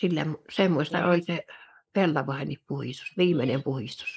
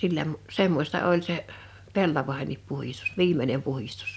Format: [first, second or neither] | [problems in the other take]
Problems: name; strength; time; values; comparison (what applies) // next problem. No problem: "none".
second | noise reduction (neural mask model Resemble Enhance denoiser)